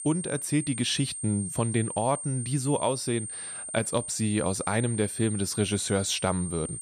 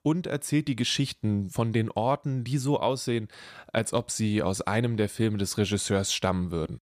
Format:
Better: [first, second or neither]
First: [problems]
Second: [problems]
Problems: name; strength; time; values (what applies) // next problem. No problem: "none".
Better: second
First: high-pitched whine; loud; throughout; 8.5 kHz, 6 dB below the speech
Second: none